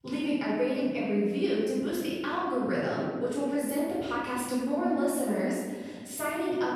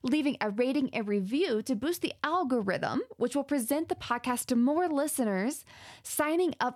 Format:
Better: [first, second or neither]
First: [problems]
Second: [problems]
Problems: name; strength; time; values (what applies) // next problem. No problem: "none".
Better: second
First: off-mic speech; far // room echo; strong; dies away in 1.4 s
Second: none